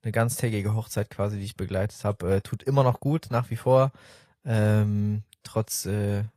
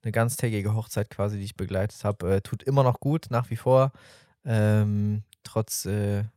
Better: second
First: garbled, watery; slightly; nothing above 14 kHz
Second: none

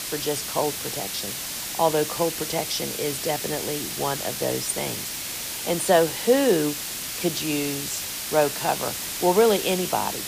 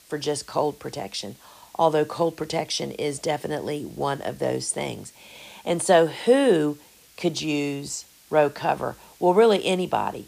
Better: second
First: hiss; loud; throughout; 4 dB below the speech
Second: hiss; faint; throughout; 25 dB below the speech

